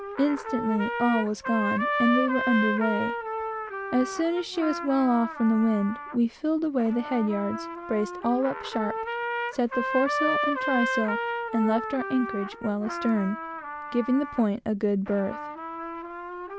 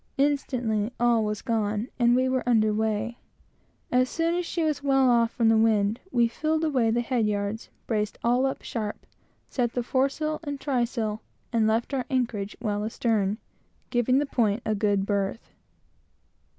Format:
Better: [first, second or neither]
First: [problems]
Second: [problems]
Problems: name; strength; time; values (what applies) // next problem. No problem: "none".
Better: second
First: background sound (Trumpet); 5 dB below the speech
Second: none